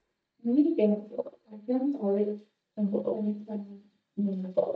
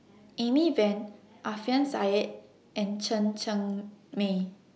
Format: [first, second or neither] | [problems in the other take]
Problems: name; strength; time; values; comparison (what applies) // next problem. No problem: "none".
second | noise reduction (neural mask model DeepFilterNet 3)